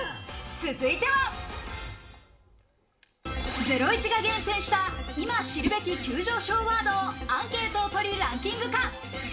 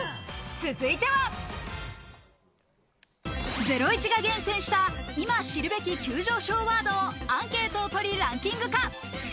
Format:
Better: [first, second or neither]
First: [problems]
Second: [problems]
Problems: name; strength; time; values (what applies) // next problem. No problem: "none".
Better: second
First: background sound (Whoosh, swoosh, swish); 11 dB below the speech // room echo; dies away in 1.7 s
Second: none